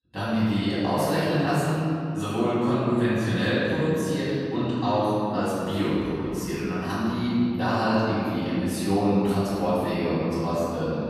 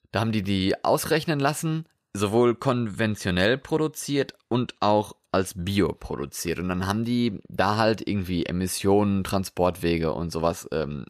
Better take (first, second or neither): second